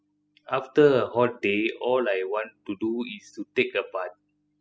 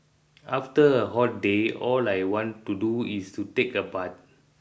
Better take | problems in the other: second | noise reduction (classical method spectral subtraction)

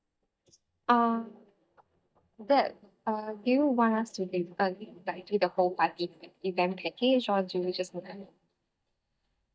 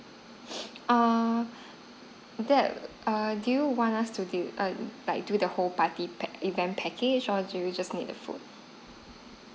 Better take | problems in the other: second | noise reduction (neural mask model DeepFilterNet 3)

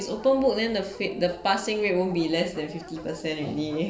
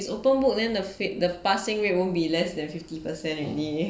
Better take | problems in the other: second | background sound (Dog); 18 dB below the speech

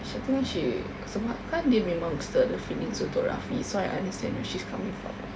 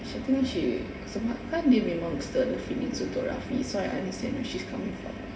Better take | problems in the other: first | room echo; dies away in 1.1 s

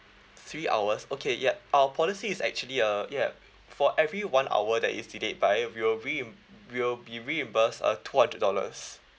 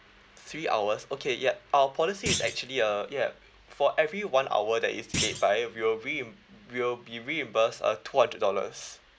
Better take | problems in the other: first | background sound (Thump, thud); 8 dB below the speech

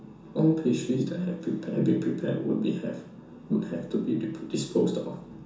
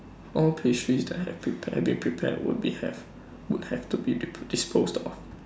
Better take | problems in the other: second | room echo; dies away in 0.7 s

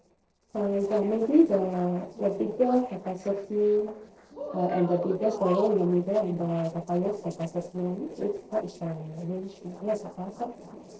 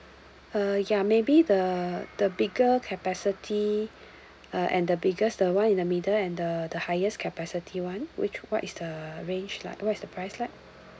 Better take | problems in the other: second | noise reduction (neural separator model SepFormer DNS4)

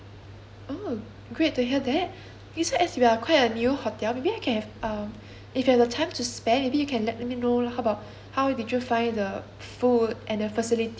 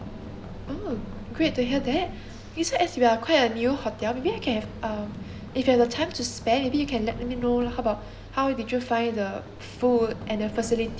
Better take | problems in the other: first | background sound (Run); 13 dB below the speech

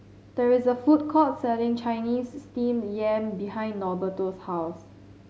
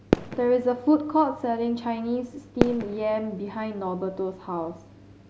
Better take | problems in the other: first | background sound (Fireworks); 6 dB below the speech

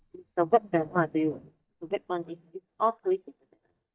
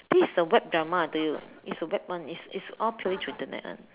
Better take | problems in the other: second | noise reduction (neural mask model DeepFilterNet 3)

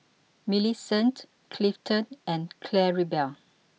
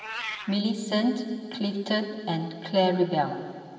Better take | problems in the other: first | background sound (Meow); 16 dB below the speech // room echo; dies away in 2.9 s

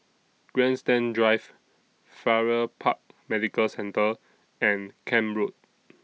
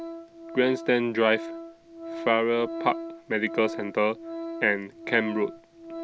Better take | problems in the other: first | background sound (Organ); 10 dB below the speech

